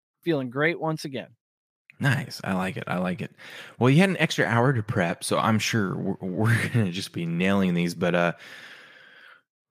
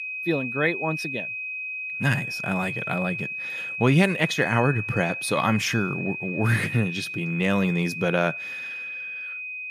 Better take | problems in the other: first | high-pitched whine; loud; throughout; 2.5 kHz, 5 dB below the speech

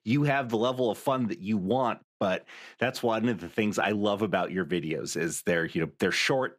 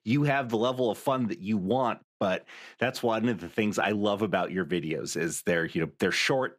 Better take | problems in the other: neither | none

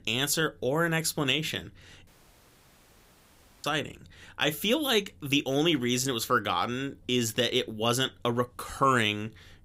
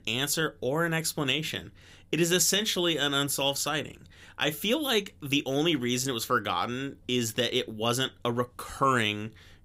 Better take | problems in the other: second | audio cutting out; at 2 s for 1.5 s

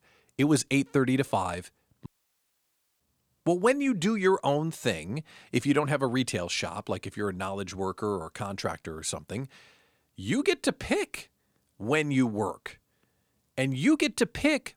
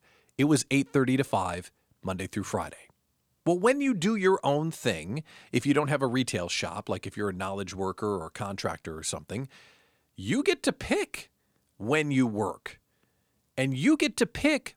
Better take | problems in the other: second | audio cutting out; at 2 s for 1 s

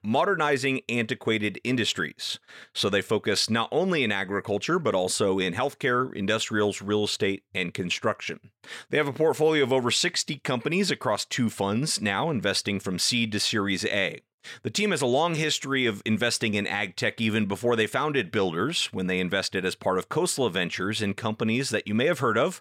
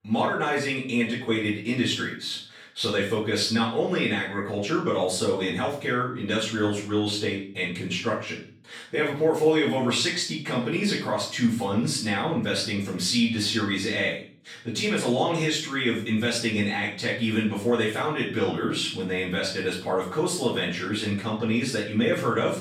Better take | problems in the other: first | off-mic speech; far // room echo; noticeable; dies away in 0.4 s

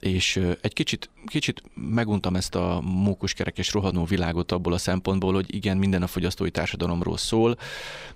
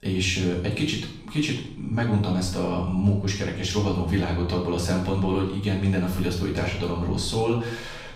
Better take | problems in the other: first | room echo; noticeable; dies away in 0.6 s // off-mic speech; far

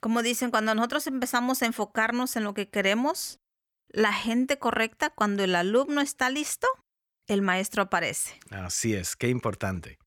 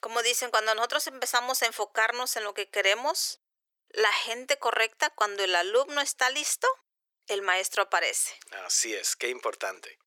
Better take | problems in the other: first | thin; very; fading below 400 Hz

